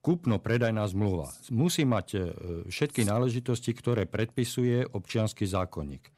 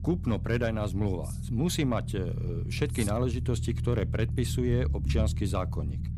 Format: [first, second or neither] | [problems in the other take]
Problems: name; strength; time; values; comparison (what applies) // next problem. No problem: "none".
first | low rumble; noticeable; throughout; 10 dB below the speech